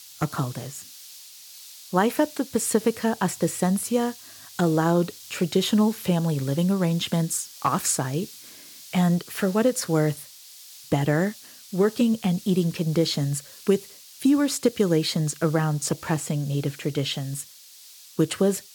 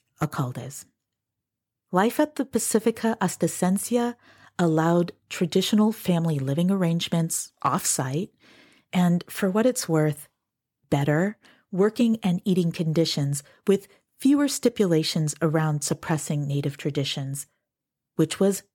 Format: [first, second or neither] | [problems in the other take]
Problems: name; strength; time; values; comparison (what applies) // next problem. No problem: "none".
second | hiss; noticeable; throughout; 20 dB below the speech